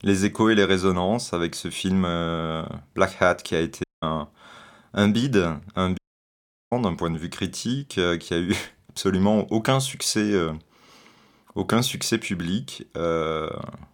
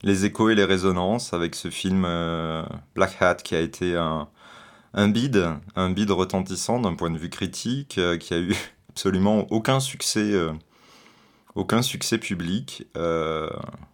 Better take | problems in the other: second | audio cutting out; at 4 s and at 6 s for 0.5 s

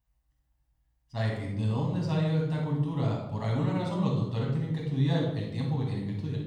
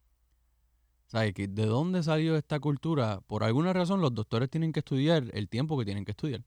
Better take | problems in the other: second | off-mic speech; far // room echo; noticeable; dies away in 0.9 s

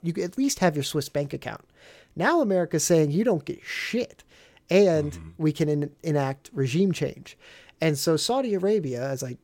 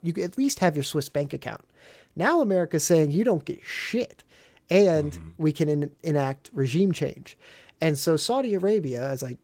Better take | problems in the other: first | garbled, watery; slightly; nothing above 16.5 kHz

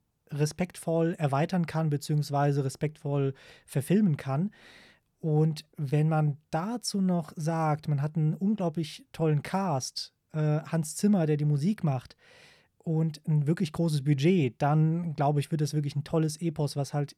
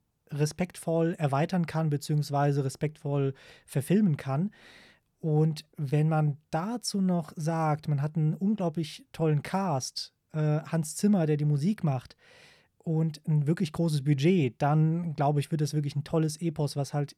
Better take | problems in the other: neither | none

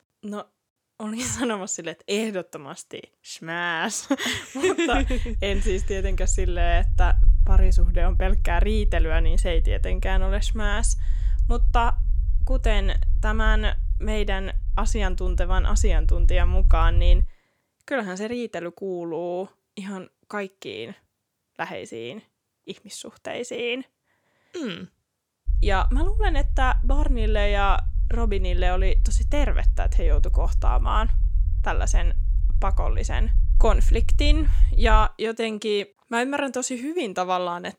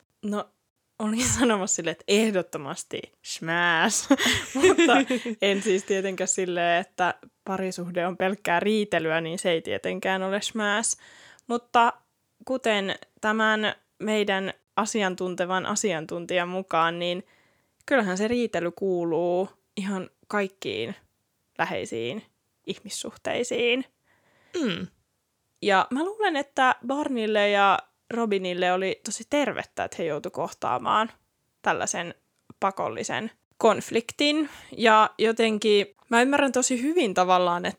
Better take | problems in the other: second | low rumble; faint; from 5 to 17 s and from 25 to 35 s; 20 dB below the speech

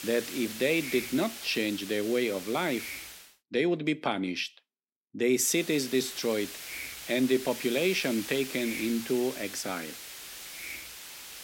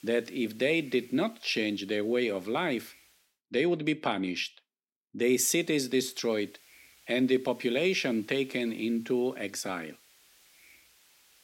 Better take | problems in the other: second | hiss; loud; until 3 s and from 5.5 s on; 10 dB below the speech; faint in the second

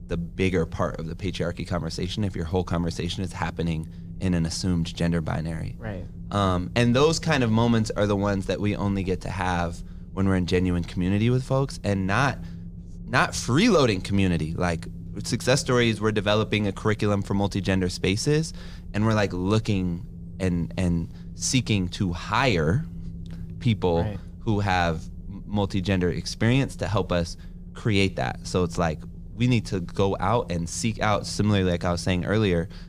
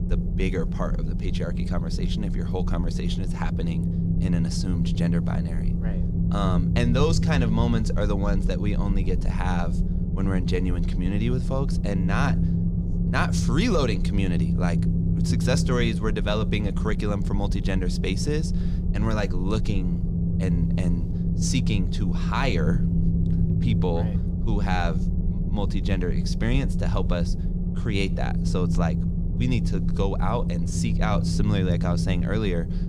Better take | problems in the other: first | low rumble; loud; throughout; 5 dB below the speech; faint in the first

